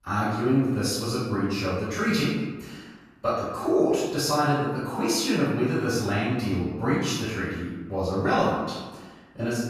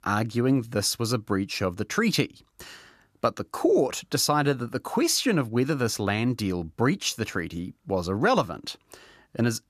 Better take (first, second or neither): second